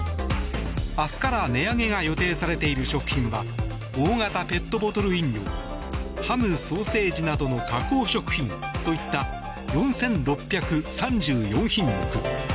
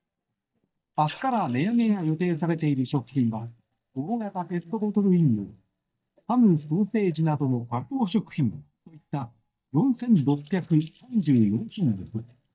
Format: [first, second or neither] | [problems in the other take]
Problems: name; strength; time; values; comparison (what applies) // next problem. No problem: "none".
first | noise reduction (neural mask model DeepFilterNet 3)